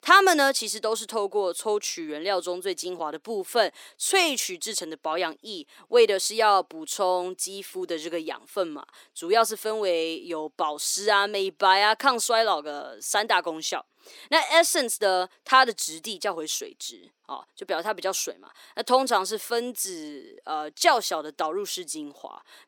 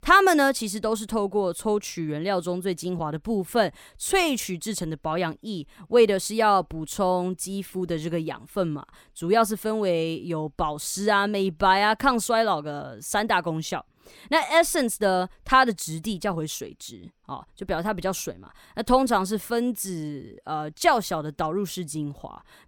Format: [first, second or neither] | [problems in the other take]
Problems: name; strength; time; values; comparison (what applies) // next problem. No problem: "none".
second | thin; somewhat; fading below 300 Hz